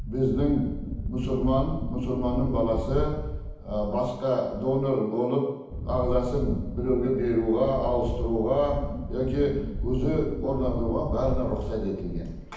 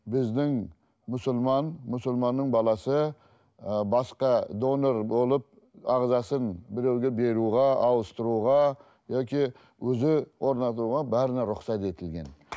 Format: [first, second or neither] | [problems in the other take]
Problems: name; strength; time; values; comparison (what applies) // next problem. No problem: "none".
second | background sound (Wind); 5 dB below the speech // room echo; dies away in 0.9 s